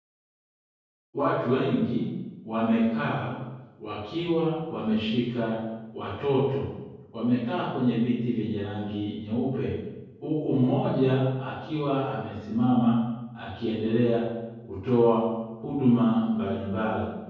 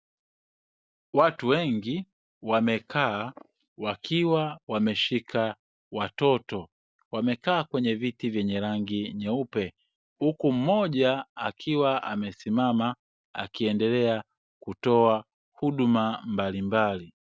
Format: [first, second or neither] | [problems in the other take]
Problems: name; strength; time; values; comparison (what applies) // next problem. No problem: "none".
second | room echo; dies away in 1.3 s